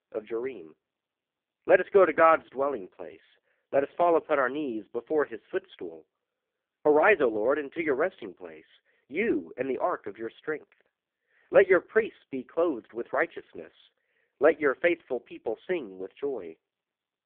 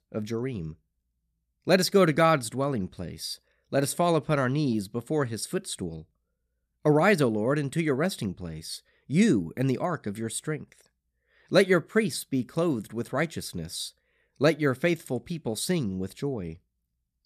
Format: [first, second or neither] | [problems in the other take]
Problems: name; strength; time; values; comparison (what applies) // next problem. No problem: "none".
second | phone-call audio; poor line